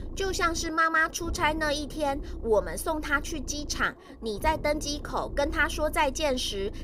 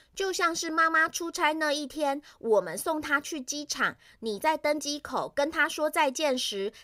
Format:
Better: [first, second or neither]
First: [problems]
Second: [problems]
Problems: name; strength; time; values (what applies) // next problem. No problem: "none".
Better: second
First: low rumble; faint; throughout; 20 dB below the speech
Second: none